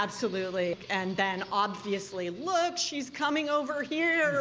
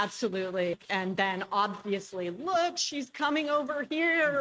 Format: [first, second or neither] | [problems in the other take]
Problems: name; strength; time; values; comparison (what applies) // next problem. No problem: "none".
first | noise reduction (neural mask model RNNoise)